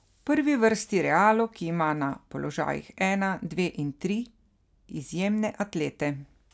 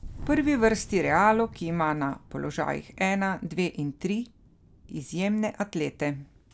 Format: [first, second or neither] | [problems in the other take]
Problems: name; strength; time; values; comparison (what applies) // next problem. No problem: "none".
first | background sound (Thunder); 17 dB below the speech